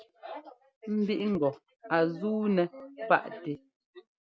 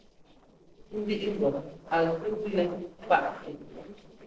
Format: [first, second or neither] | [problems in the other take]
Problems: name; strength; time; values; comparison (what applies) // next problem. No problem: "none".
first | noise reduction (neural separator model SepFormer DNS4)